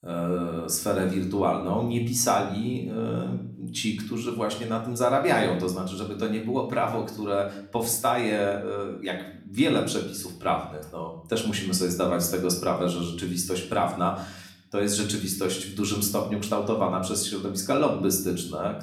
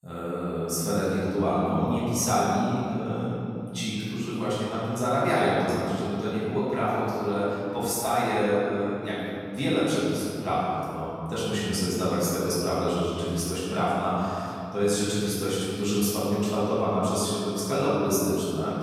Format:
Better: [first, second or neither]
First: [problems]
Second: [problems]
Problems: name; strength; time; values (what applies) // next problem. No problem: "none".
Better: first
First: room echo; slight; dies away in 0.6 s // off-mic speech; somewhat distant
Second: room echo; strong; dies away in 2.9 s // off-mic speech; far